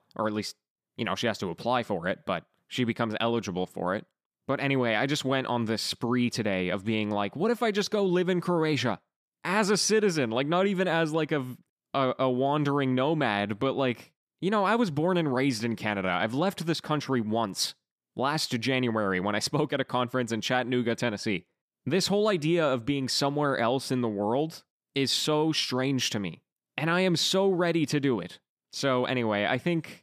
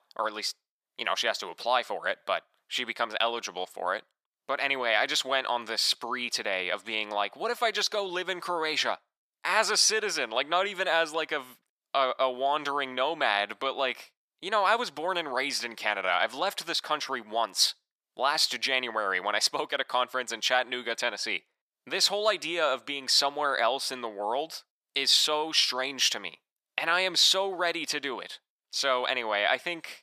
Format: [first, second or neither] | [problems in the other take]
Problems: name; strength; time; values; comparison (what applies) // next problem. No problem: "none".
first | thin; very; fading below 750 Hz